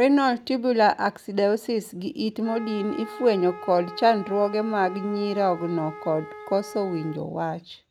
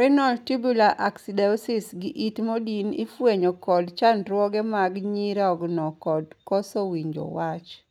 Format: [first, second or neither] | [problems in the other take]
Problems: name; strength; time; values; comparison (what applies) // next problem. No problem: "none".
second | background sound (Wind instrument, woodwind instrument); 17 dB below the speech